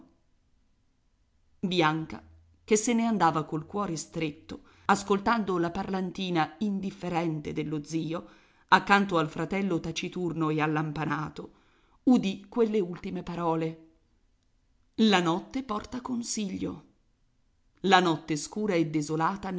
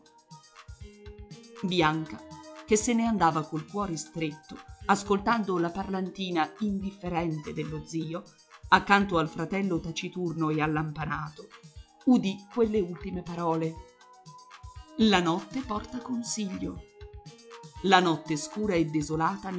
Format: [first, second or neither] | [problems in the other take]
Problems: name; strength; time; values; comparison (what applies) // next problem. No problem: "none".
first | noise reduction (classical method log-MMSE)